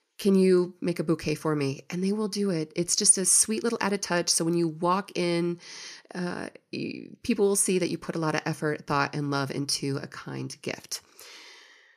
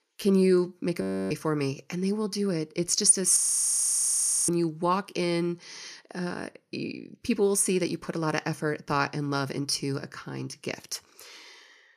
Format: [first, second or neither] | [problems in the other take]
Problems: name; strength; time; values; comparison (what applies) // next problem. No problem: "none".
first | audio freezing; at 1 s and at 3.5 s for 1 s